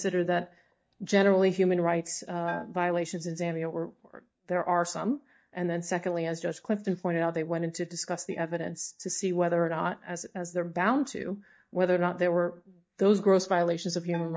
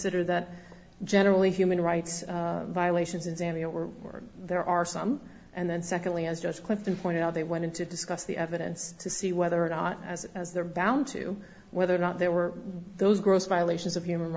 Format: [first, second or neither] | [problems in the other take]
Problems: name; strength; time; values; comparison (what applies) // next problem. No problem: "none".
second | noise reduction (neural mask model DeepFilterNet 3)